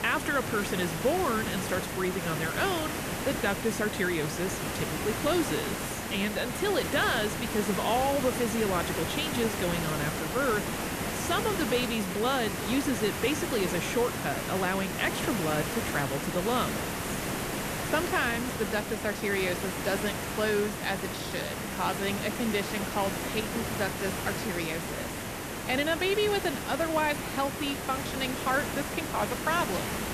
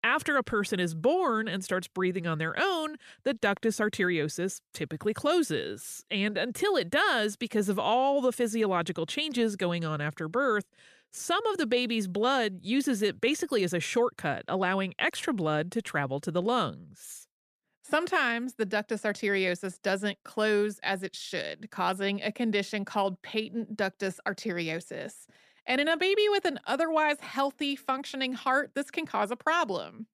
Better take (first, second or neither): second